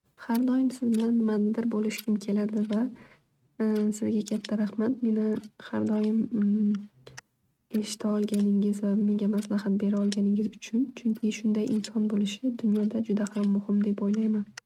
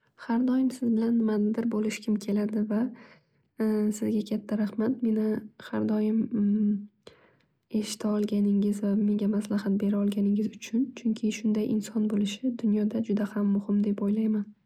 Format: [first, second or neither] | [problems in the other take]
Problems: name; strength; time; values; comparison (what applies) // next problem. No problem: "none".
second | noise reduction (neural mask model RNNoise)